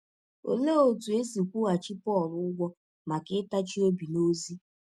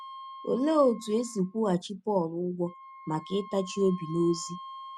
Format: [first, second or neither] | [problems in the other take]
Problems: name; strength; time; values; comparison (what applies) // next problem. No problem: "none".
first | background sound (Wind instrument, woodwind instrument); 16 dB below the speech